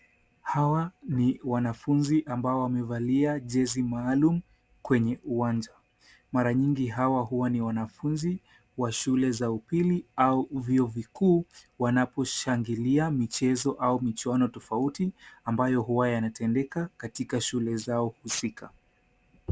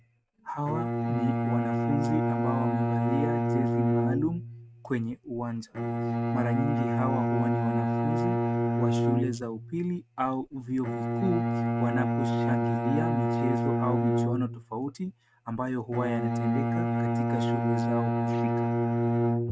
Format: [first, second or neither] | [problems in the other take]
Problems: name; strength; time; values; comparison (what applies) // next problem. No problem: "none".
first | noise reduction (neural mask model RNNoise)